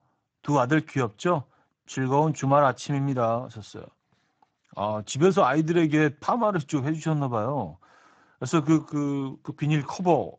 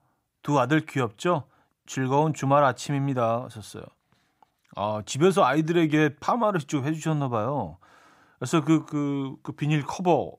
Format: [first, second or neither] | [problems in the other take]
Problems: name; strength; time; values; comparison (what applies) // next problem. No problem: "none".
second | garbled, watery; badly; nothing above 7.5 kHz